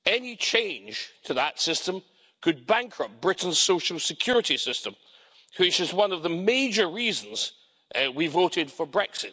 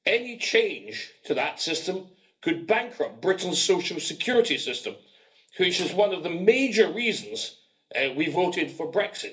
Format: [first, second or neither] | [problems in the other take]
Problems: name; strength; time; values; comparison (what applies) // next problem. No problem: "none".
first | noise reduction (neural separator model SepFormer DNS4)